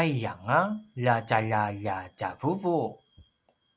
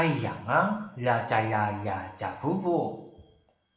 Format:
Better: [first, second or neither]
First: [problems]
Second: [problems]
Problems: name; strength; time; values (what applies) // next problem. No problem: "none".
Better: first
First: none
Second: room echo; dies away in 0.8 s